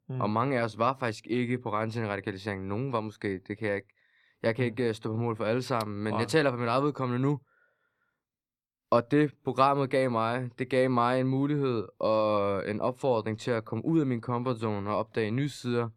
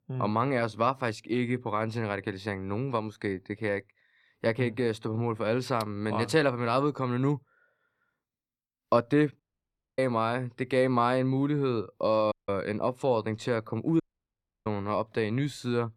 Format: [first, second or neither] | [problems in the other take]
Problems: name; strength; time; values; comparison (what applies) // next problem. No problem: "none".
first | audio cutting out; at 9.5 s for 0.5 s, at 12 s and at 14 s for 0.5 s